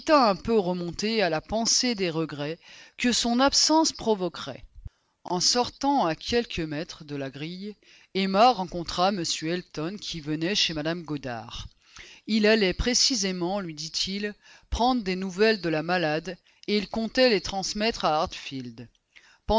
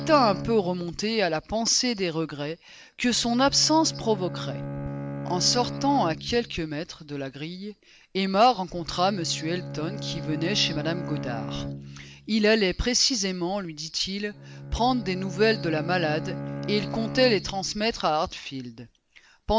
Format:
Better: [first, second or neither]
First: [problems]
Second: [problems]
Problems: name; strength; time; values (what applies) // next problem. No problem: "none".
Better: first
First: none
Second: background sound (Bowed string instrument); 11 dB below the speech